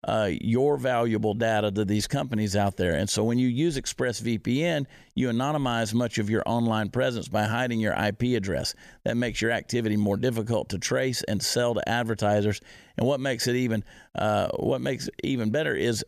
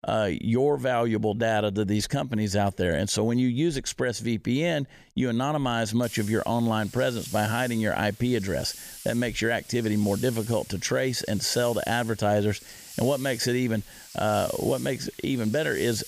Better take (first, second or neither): first